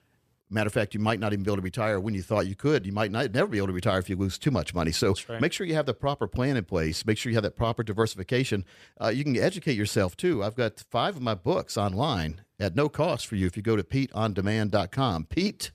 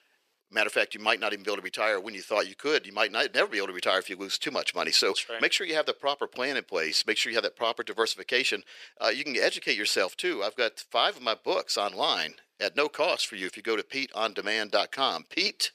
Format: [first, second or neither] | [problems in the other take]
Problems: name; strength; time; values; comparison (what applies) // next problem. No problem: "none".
first | thin; very; fading below 400 Hz